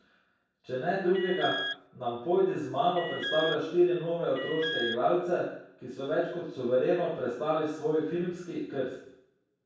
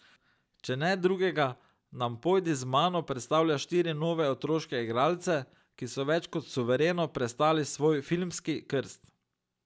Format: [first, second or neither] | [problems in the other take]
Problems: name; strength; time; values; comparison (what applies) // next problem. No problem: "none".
second | background sound (Alarm); 7 dB below the speech // room echo; dies away in 0.7 s